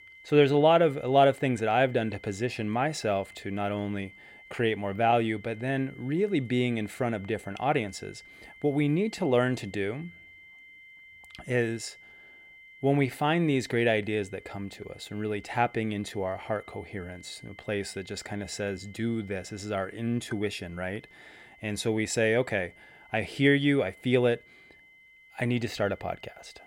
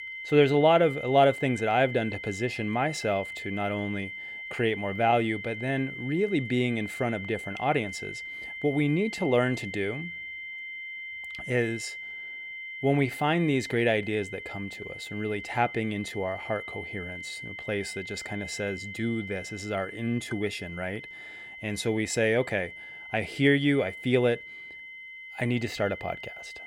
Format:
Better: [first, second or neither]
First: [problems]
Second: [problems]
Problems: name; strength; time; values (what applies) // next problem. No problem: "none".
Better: first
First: high-pitched whine; faint; throughout; 2 kHz, 20 dB below the speech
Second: high-pitched whine; loud; throughout; 2 kHz, 10 dB below the speech